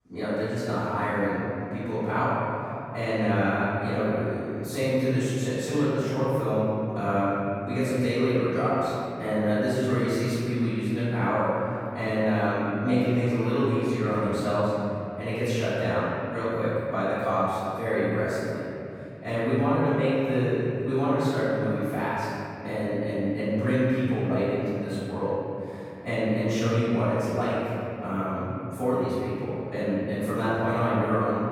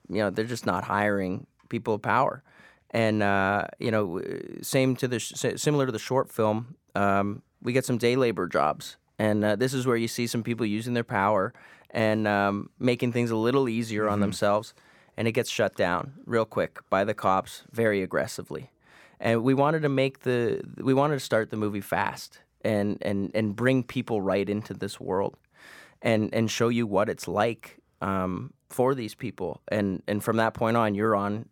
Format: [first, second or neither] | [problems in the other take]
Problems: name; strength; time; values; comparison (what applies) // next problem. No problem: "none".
second | off-mic speech; far // room echo; strong; dies away in 3 s